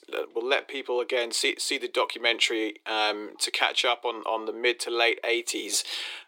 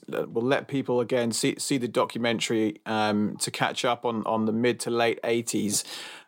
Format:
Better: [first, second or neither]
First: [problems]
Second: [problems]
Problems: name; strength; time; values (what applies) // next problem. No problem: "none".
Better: second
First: thin; very; fading below 350 Hz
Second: none